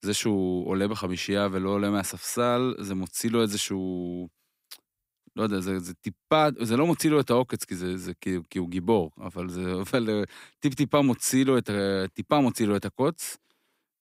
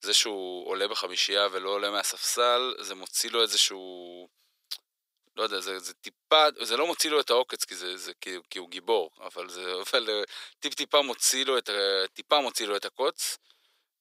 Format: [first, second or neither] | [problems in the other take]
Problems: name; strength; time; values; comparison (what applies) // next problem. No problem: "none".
first | thin; very; fading below 450 Hz